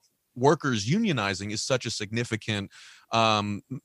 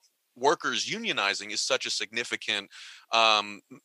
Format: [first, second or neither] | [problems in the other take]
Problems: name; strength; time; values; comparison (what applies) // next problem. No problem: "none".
first | thin; somewhat; fading below 450 Hz